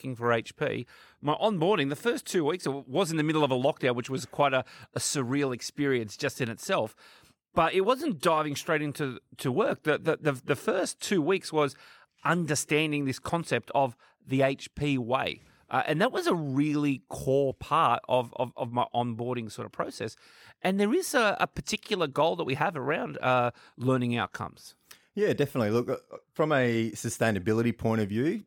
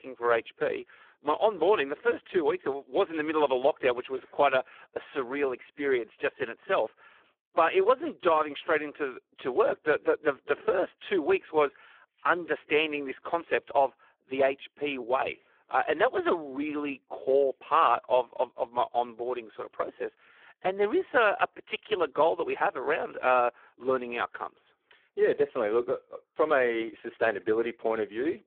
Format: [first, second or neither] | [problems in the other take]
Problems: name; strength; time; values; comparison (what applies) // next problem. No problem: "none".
first | phone-call audio; poor line